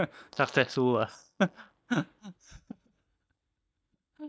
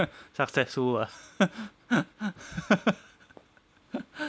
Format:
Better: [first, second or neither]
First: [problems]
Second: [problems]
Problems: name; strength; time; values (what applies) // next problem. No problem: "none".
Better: second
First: noise reduction (neural mask model DeepFilterNet 3)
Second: none